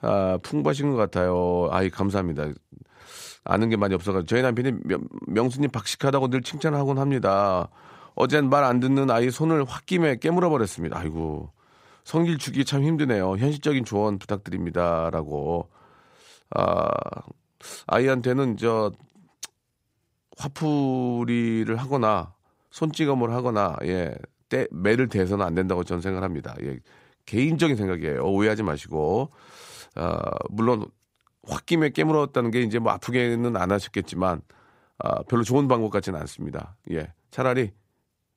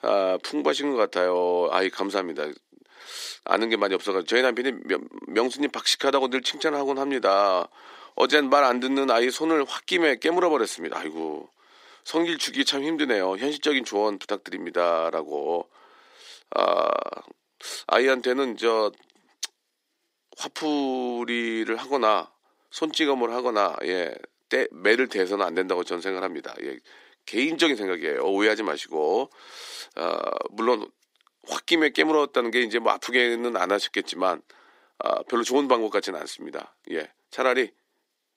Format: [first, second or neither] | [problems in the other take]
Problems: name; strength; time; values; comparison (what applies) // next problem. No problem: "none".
first | thin; somewhat; fading below 300 Hz